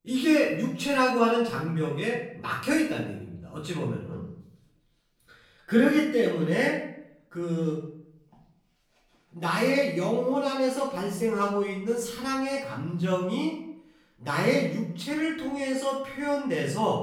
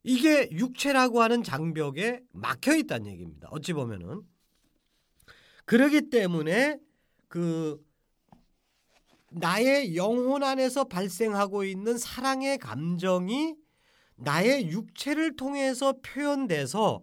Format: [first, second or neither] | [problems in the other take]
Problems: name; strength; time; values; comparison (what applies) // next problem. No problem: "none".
second | off-mic speech; far // room echo; noticeable; dies away in 0.6 s